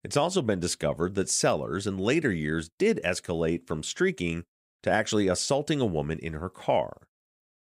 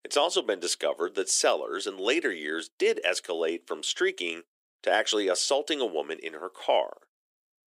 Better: first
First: none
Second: thin; very; fading below 350 Hz

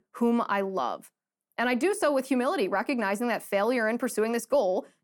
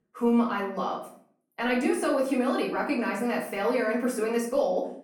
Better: first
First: none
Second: off-mic speech; far // room echo; slight; dies away in 0.5 s

